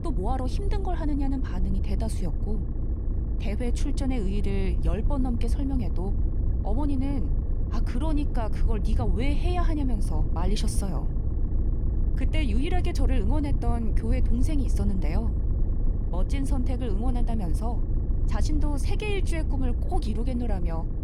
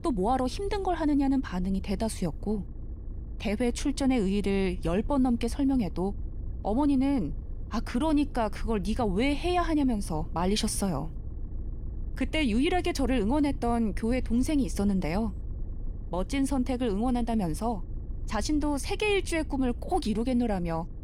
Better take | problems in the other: second | low rumble; loud; throughout; 7 dB below the speech; faint in the second

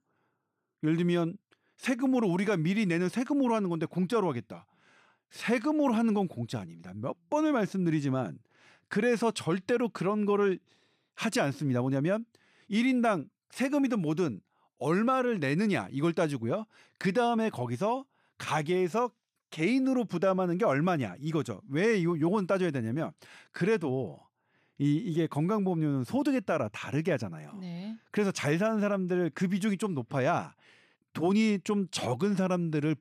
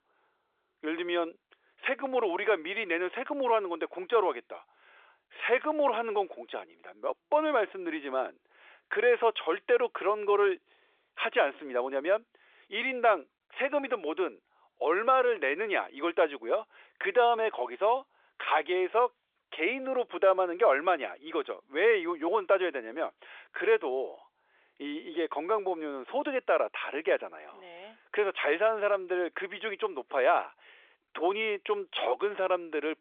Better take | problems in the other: first | phone-call audio; nothing above 3.5 kHz

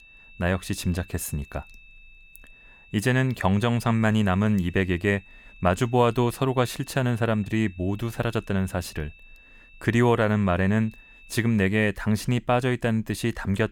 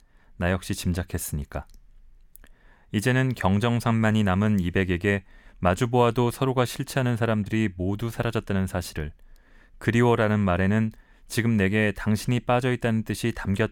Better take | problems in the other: second | high-pitched whine; faint; until 12 s; 2.5 kHz, 25 dB below the speech

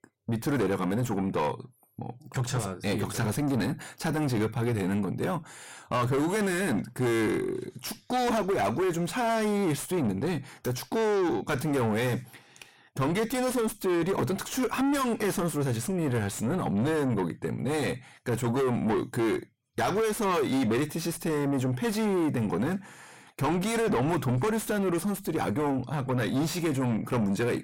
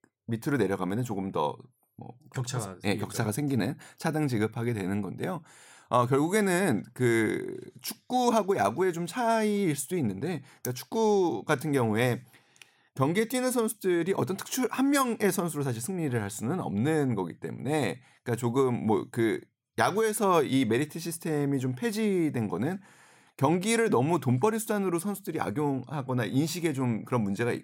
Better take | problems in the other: second | distortion; heavy; 6 dB below the speech

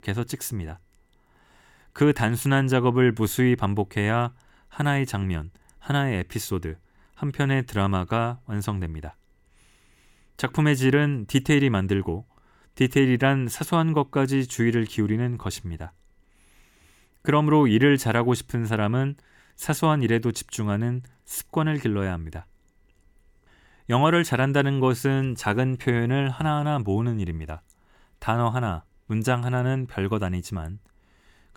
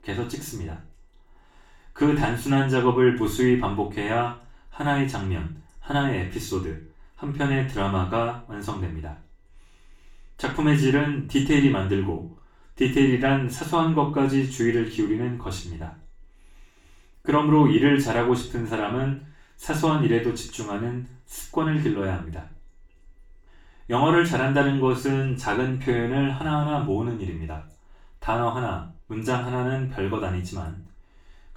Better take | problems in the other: first | room echo; noticeable; dies away in 0.3 s // off-mic speech; far

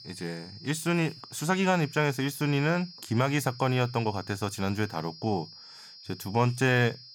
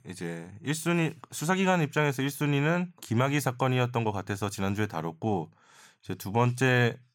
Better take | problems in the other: second | high-pitched whine; noticeable; throughout; 5 kHz, 15 dB below the speech

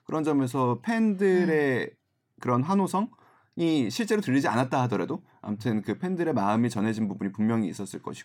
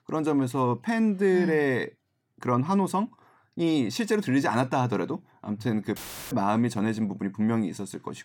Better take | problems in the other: first | audio cutting out; filled with static; at 6 s

